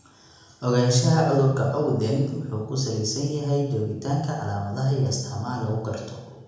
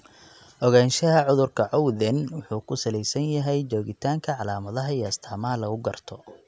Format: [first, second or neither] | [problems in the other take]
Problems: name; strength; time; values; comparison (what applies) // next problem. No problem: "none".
second | room echo; dies away in 0.9 s